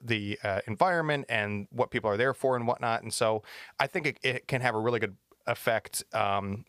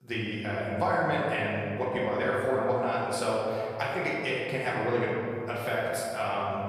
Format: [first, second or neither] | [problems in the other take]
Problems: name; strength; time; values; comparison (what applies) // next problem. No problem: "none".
first | room echo; strong; dies away in 2.4 s // off-mic speech; far